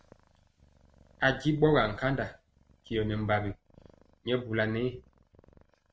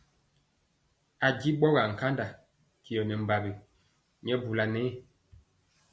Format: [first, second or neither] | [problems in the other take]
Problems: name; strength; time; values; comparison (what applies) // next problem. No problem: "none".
second | noise reduction (neural mask model RNNoise)